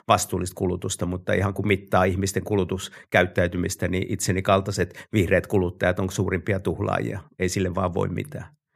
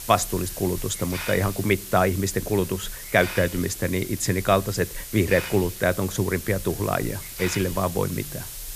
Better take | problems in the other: first | hiss; loud; throughout; 10 dB below the speech

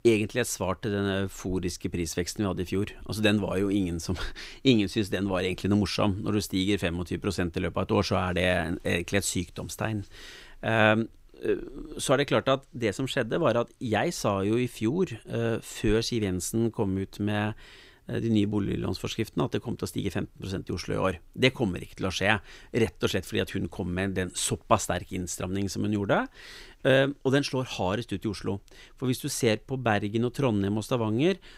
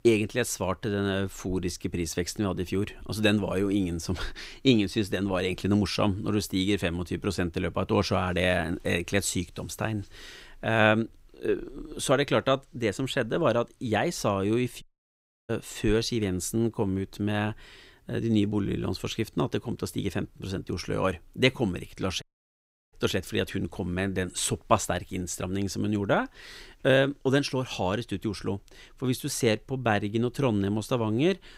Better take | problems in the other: first | audio cutting out; at 15 s for 0.5 s and at 22 s for 0.5 s

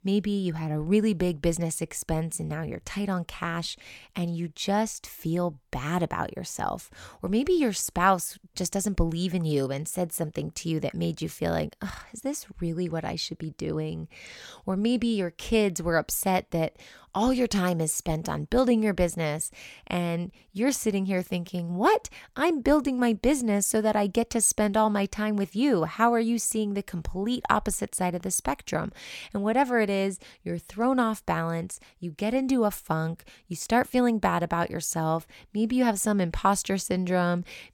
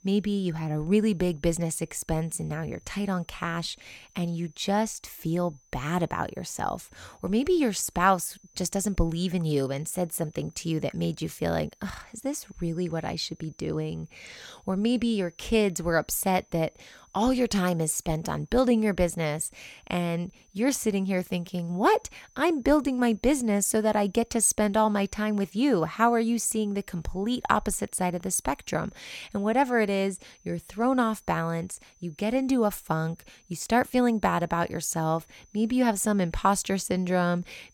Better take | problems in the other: first | high-pitched whine; faint; throughout; 6 kHz, 35 dB below the speech

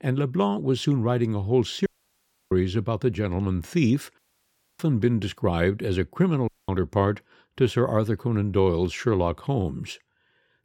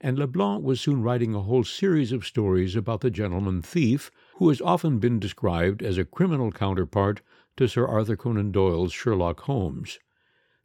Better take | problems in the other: second | audio cutting out; at 2 s for 0.5 s, at 4 s for 0.5 s and at 6.5 s

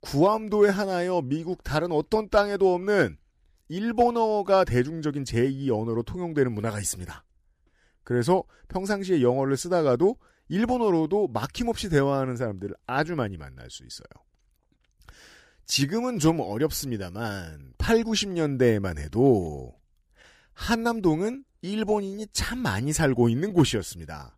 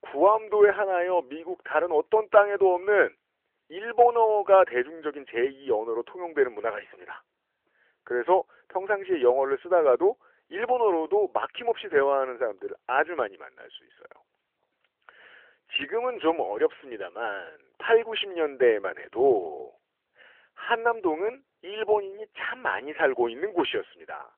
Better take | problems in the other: first | phone-call audio; nothing above 3 kHz

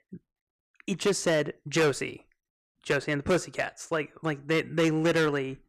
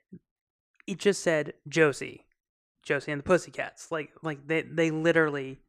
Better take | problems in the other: second | distortion; heavy; 7% of the sound clipped

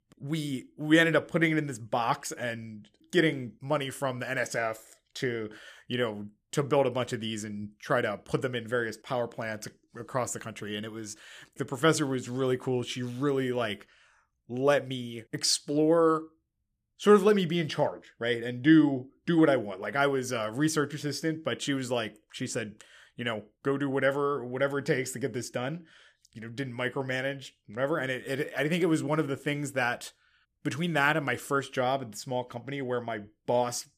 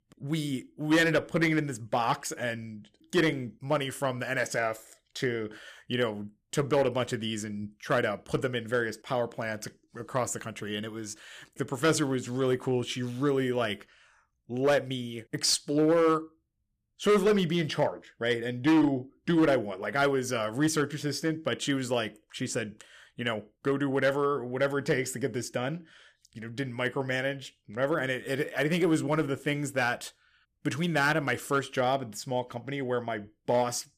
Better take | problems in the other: first | distortion; slight; 2% of the sound clipped

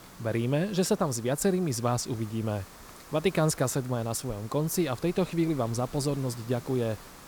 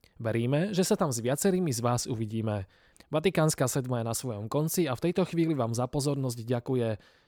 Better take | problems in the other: second | hiss; noticeable; throughout; 20 dB below the speech

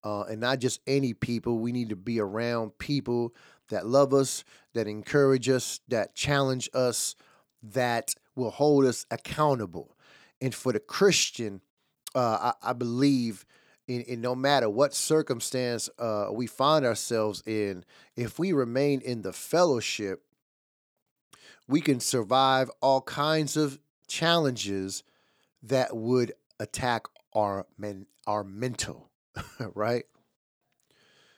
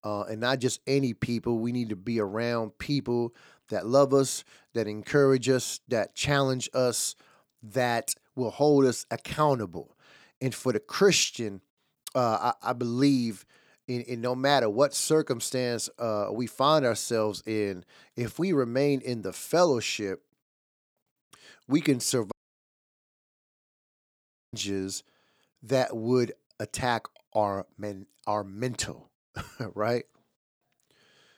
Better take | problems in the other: first | audio cutting out; at 22 s for 2 s

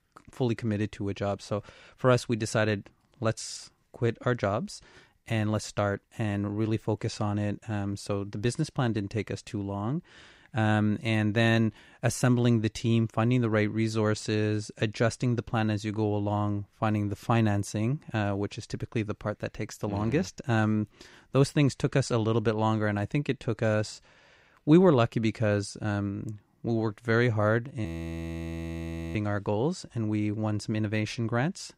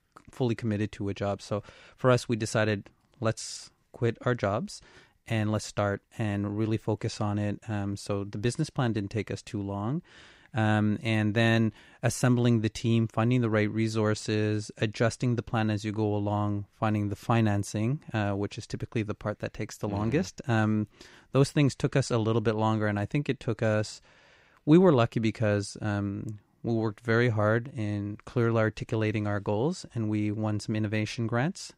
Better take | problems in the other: second | audio freezing; at 28 s for 1.5 s

